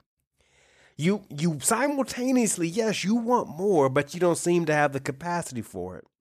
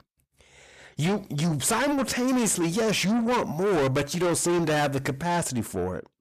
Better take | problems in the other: first | distortion; heavy; 6 dB below the speech

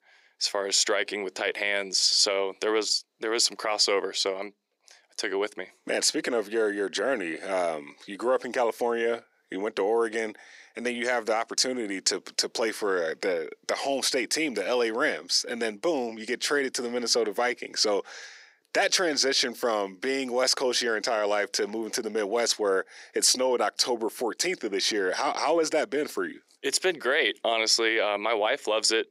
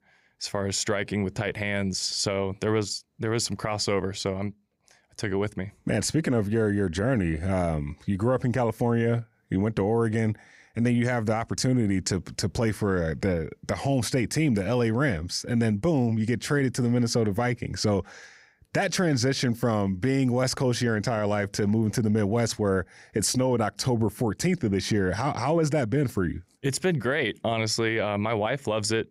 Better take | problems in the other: second | thin; very; fading below 350 Hz

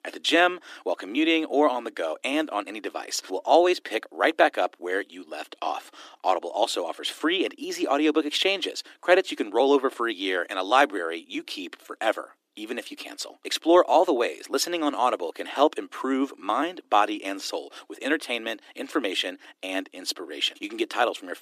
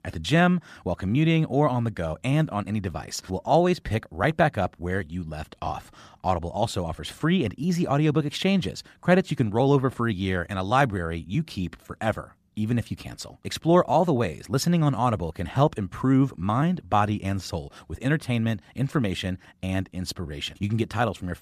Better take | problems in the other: second | thin; somewhat; fading below 300 Hz

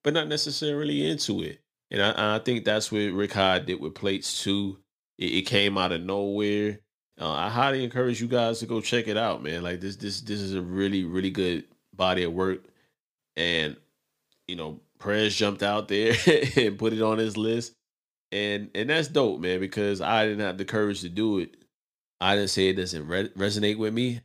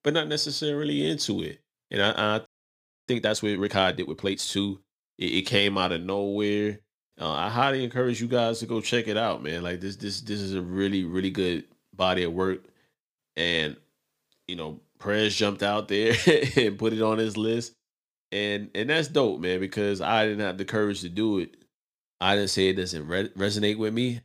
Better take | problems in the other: first | audio freezing; at 2.5 s for 0.5 s

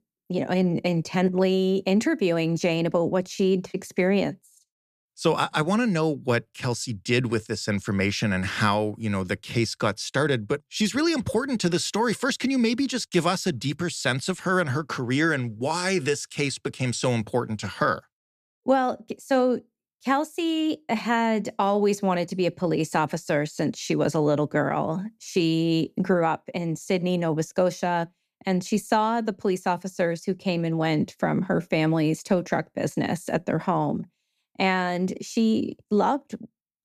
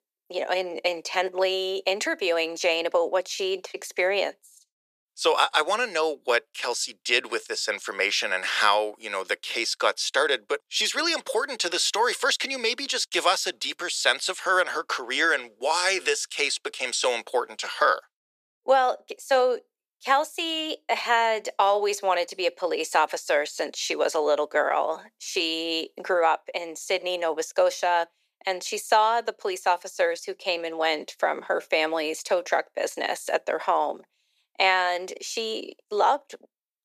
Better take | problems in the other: first | thin; very; fading below 450 Hz

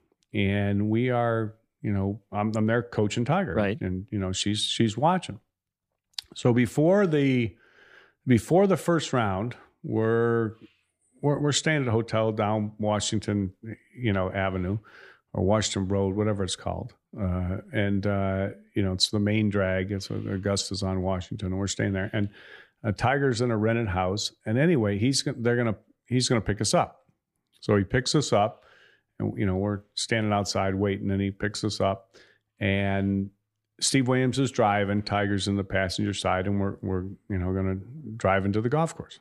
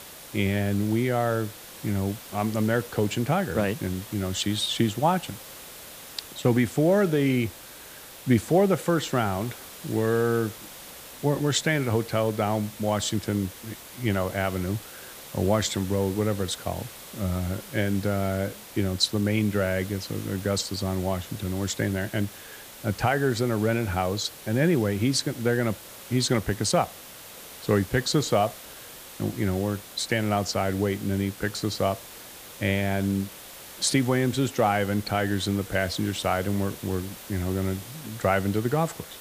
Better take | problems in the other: first | hiss; noticeable; throughout; 15 dB below the speech

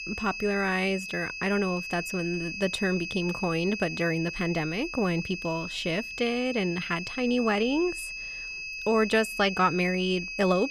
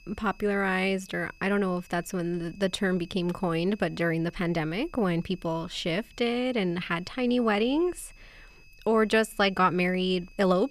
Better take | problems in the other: second | high-pitched whine; loud; throughout; 2.5 kHz, 7 dB below the speech; faint in the second

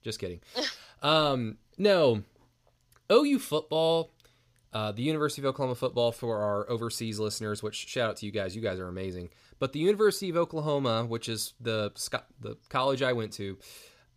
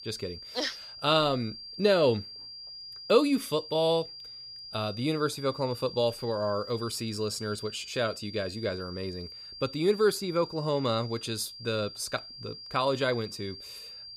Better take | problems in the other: first | high-pitched whine; noticeable; throughout; 4.5 kHz, 10 dB below the speech

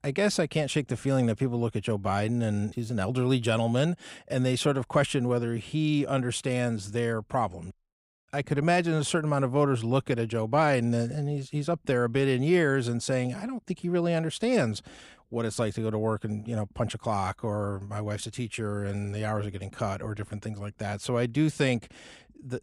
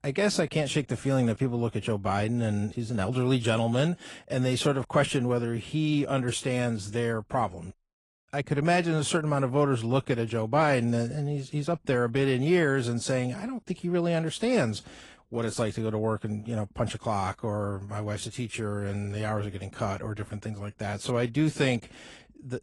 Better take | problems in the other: first | garbled, watery; slightly; nothing above 10 kHz

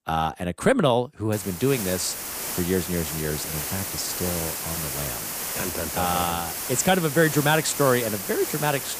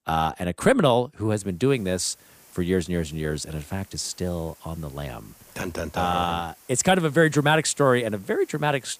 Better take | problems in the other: second | hiss; loud; from 1.5 s on; 4 dB below the speech; faint in the second

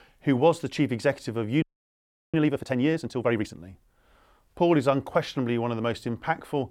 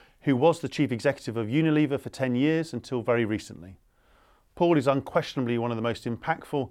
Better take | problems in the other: second | audio freezing; at 1.5 s for 0.5 s

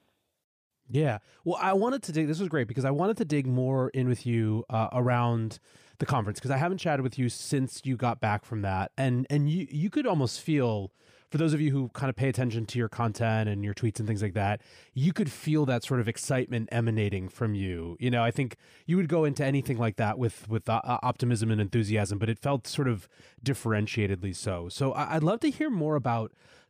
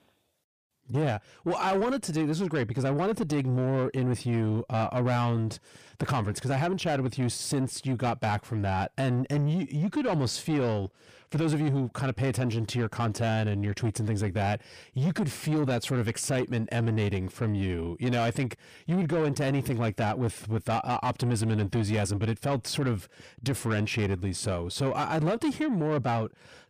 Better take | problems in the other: first | distortion; slight; 10 dB below the speech

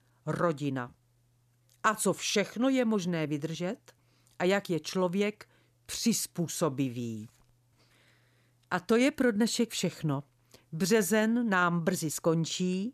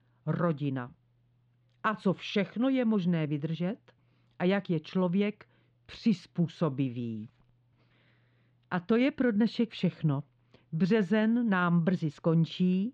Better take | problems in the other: first | muffled; slightly; fading above 3.5 kHz

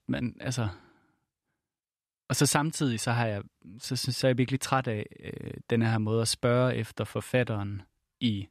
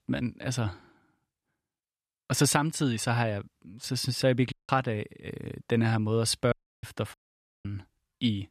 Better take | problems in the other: first | audio cutting out; at 4.5 s, at 6.5 s and at 7 s for 0.5 s

